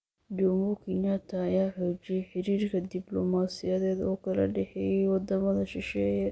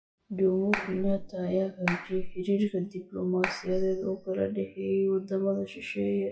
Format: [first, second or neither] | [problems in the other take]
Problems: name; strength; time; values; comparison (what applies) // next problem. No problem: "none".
first | noise reduction (classical method WPE with log-MMSE)